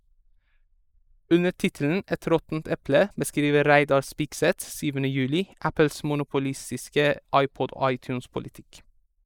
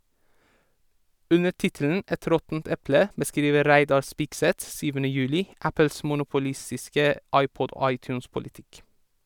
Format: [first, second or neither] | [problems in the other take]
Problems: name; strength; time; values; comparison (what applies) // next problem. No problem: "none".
second | noise reduction (neural mask model Resemble Enhance denoiser)